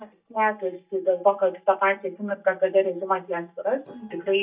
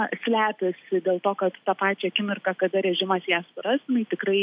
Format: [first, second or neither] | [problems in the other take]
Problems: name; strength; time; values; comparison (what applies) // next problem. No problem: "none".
second | noise reduction (neural mask model DeepFilterNet 3)